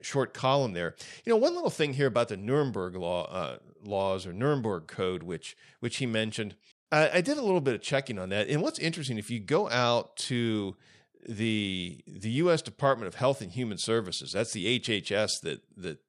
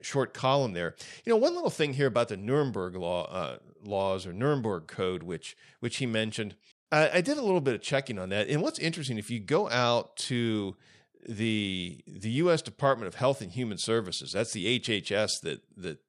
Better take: neither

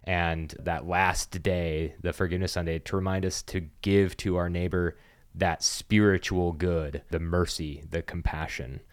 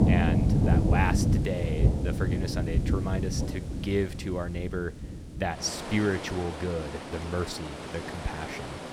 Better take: first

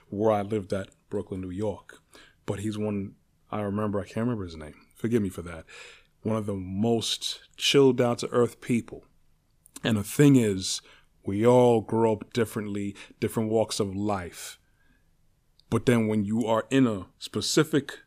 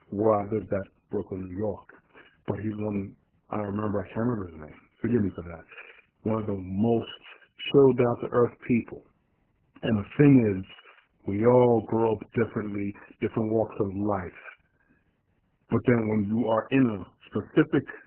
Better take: first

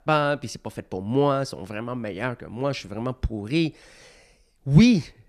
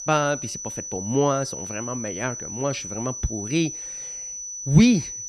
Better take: first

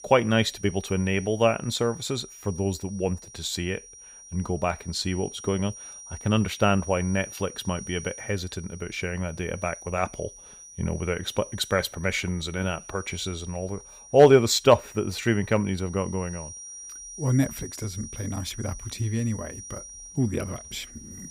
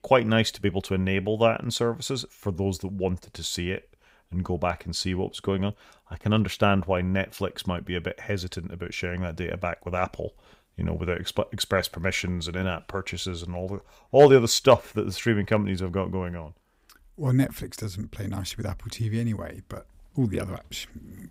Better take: second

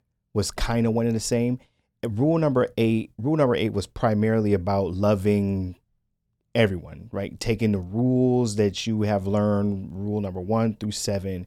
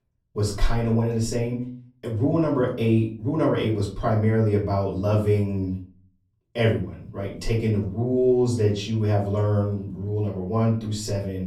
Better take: first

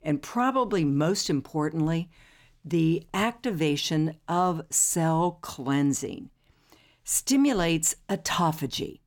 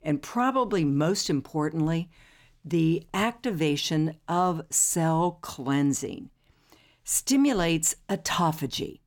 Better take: neither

